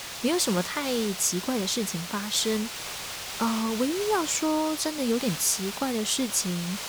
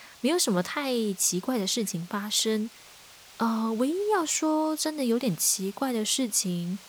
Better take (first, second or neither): second